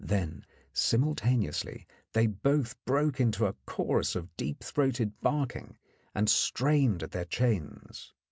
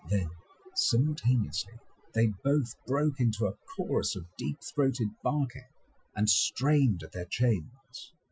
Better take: first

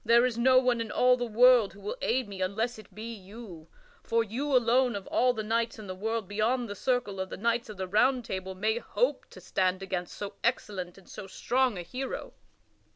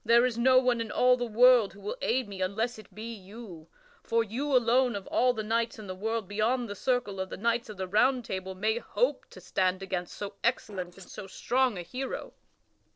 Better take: first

